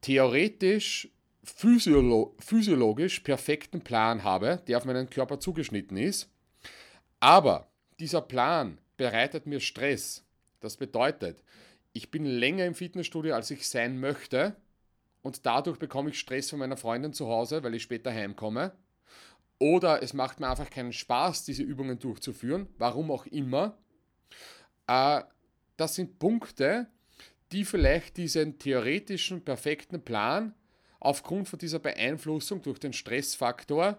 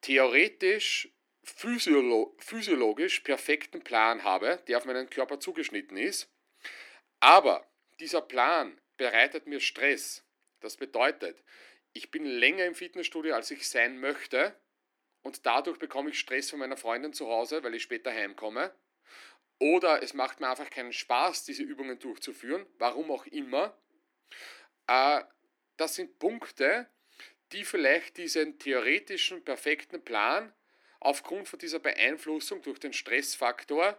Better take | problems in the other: first | thin; somewhat; fading below 300 Hz

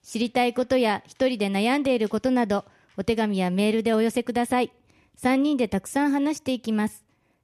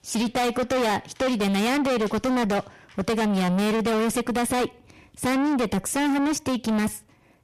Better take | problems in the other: first | distortion; heavy; 5 dB below the speech

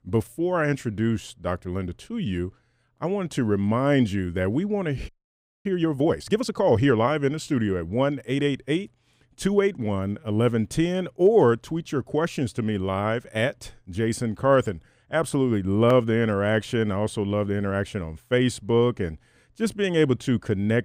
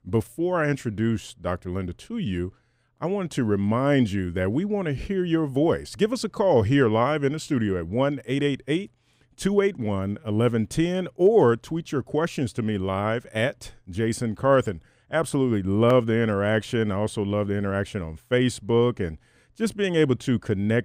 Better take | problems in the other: second | audio freezing; at 5 s for 0.5 s

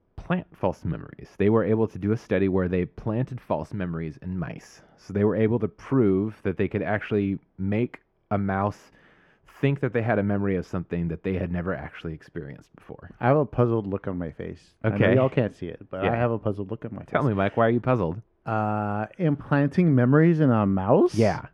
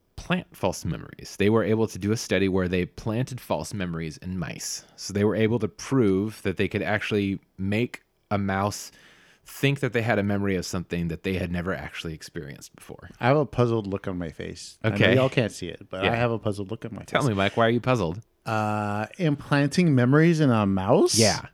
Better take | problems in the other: second | muffled; very; fading above 3 kHz

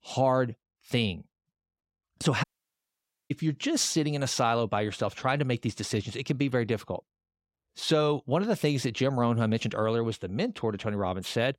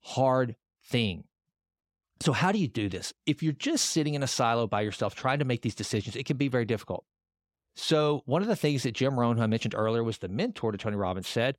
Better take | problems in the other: second | audio cutting out; at 2.5 s for 1 s

